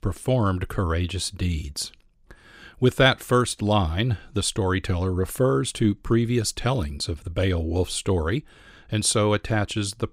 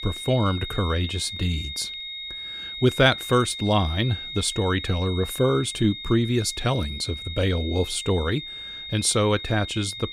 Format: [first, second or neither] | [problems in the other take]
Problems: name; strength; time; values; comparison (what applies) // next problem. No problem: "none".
first | high-pitched whine; loud; throughout; 3.5 kHz, 9 dB below the speech